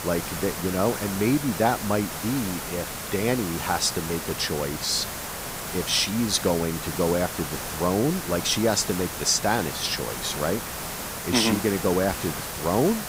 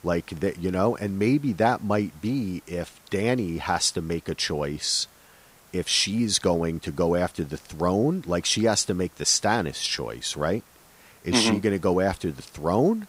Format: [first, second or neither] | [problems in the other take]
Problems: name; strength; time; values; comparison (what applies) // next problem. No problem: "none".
second | hiss; loud; throughout; 6 dB below the speech; faint in the second